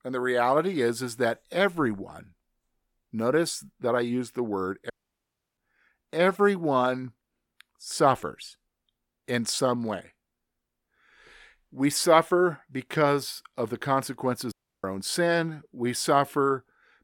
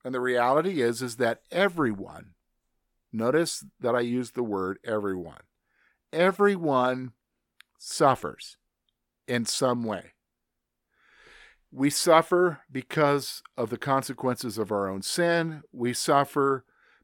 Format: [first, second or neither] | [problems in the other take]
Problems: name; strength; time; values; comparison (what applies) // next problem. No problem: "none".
second | audio cutting out; at 5 s for 0.5 s and at 15 s